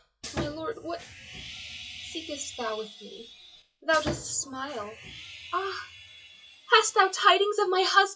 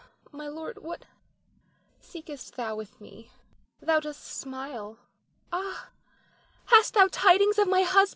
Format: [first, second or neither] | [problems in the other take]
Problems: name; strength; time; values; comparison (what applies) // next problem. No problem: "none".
second | noise reduction (classical method WPE with log-MMSE)